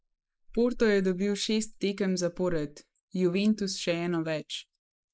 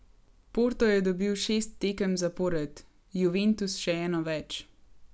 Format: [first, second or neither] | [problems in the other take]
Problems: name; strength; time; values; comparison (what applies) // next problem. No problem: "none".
second | noise reduction (neural mask model Resemble Enhance denoiser)